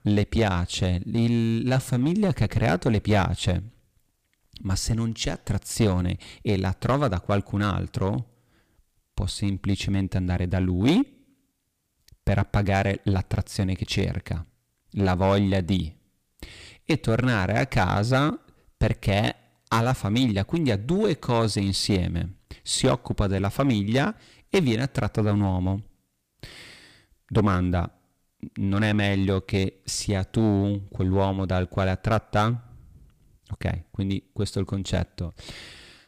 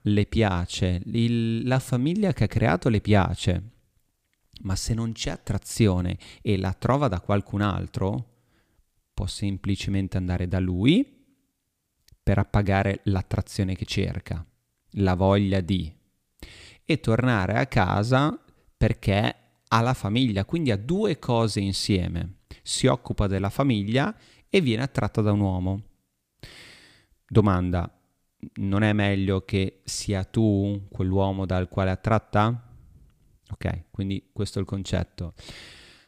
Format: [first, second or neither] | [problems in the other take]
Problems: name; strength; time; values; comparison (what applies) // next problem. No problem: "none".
second | distortion; slight; 4% of the sound clipped